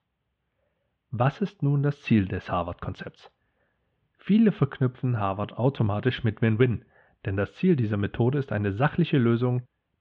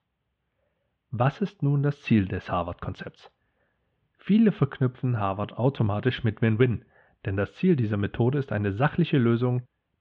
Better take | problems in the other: neither | muffled; very; fading above 3 kHz; the same in both

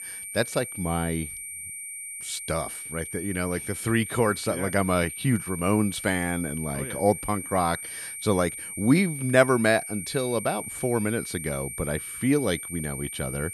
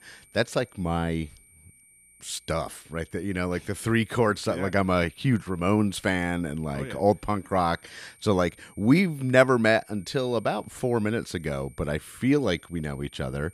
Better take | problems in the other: second | high-pitched whine; loud; throughout; 9 kHz, 8 dB below the speech; faint in the second

